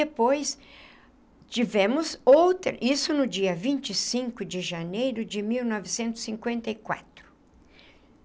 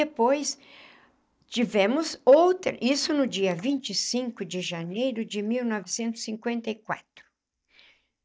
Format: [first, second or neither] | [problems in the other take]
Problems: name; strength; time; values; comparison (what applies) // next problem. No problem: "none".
first | noise reduction (neural mask model DeepFilterNet 3)